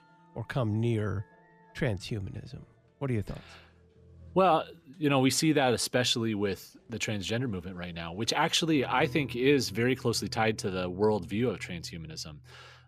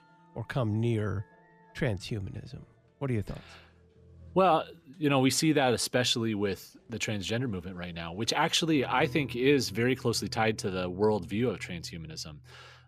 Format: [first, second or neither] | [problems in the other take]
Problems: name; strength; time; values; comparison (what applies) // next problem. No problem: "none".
neither | background music; faint; throughout; 20 dB below the speech; the same in both